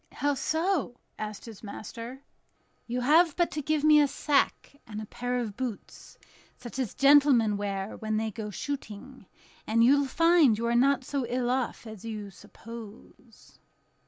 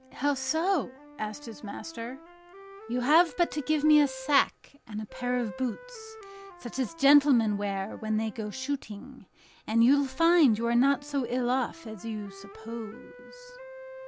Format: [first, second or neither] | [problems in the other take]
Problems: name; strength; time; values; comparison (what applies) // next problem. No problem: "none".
first | background sound (Wind instrument, woodwind instrument); 18 dB below the speech